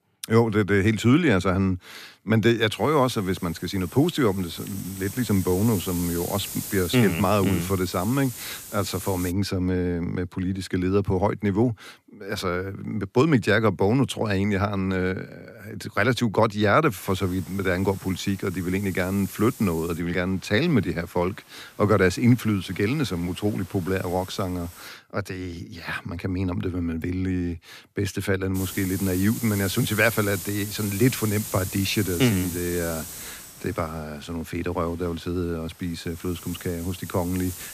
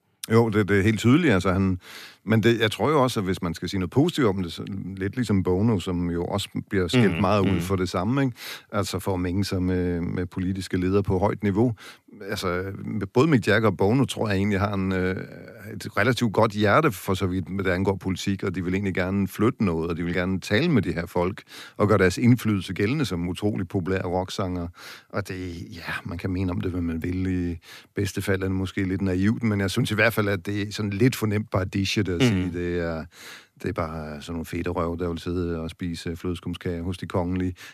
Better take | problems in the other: second | hiss; noticeable; from 3 to 9.5 s, from 17 to 25 s and from 29 s on; 10 dB below the speech

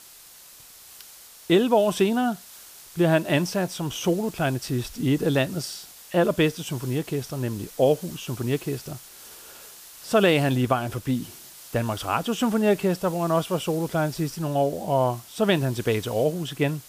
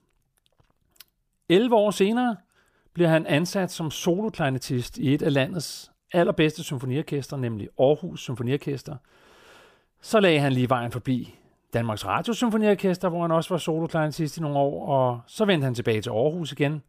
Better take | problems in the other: second | hiss; noticeable; throughout; 20 dB below the speech

